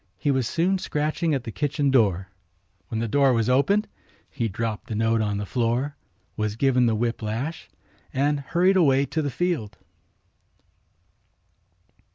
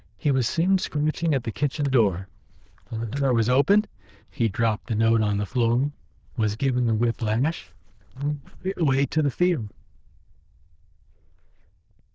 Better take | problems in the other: first | noise reduction (neural diffusion model UNIVERSE++)

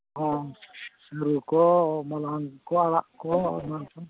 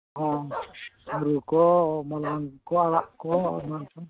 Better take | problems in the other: first | noise reduction (neural mask model RNNoise)

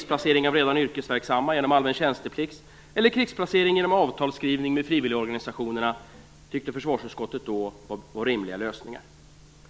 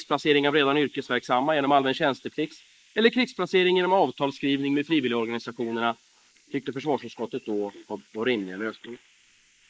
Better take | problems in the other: first | noise reduction (neural mask model Resemble Enhance denoiser)

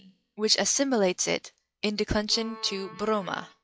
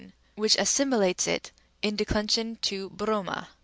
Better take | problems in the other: second | noise reduction (classical method log-MMSE)

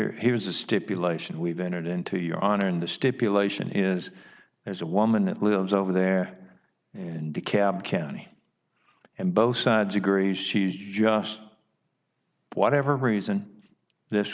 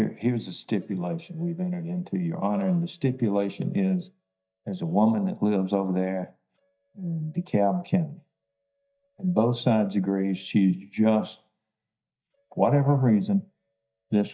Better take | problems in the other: first | noise reduction (neural mask model DeepFilterNet 3)

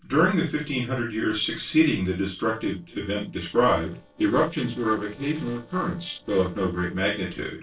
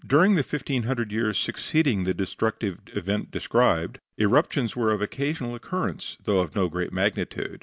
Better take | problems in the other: second | noise reduction (neural separator model SepFormer DNS4)

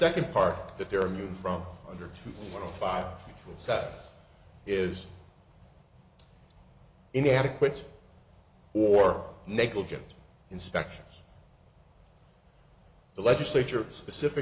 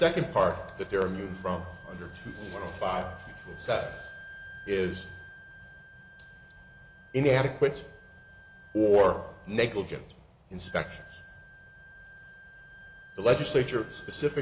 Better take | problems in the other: first | background sound (Wind instrument, woodwind instrument); 19 dB below the speech

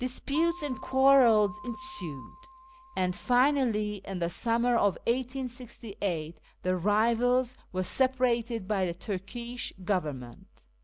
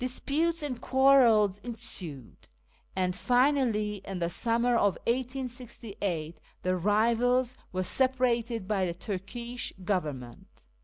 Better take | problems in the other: second | background sound (Keyboard (musical)); 17 dB below the speech

